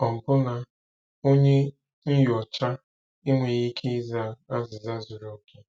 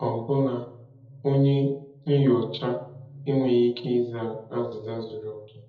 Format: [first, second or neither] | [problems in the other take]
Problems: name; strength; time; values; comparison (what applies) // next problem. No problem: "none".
first | room echo; dies away in 0.8 s